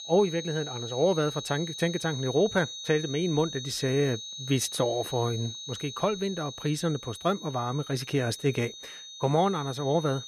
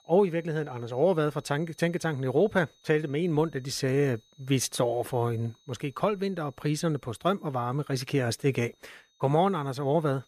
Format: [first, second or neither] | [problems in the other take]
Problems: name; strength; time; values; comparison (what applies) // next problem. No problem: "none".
second | high-pitched whine; loud; throughout; 4 kHz, 9 dB below the speech; faint in the second